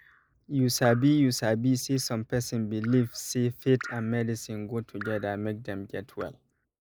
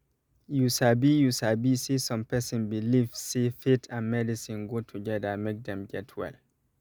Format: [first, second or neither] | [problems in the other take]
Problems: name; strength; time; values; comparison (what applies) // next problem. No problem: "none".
second | noise reduction (neural mask model Resemble Enhance denoiser)